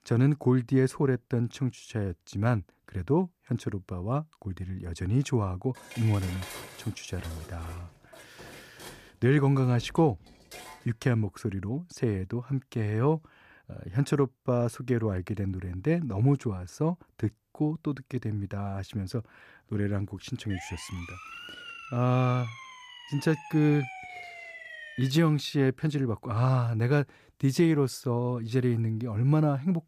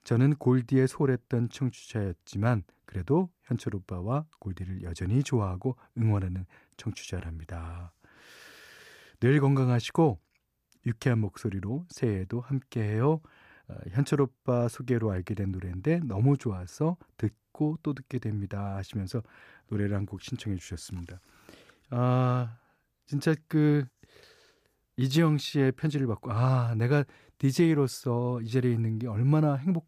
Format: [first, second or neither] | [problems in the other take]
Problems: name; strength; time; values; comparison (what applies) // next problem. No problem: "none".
second | clattering dishes; faint; from 6 to 11 s; peak 10 dB below the speech // siren; faint; from 21 to 25 s; peak 10 dB below the speech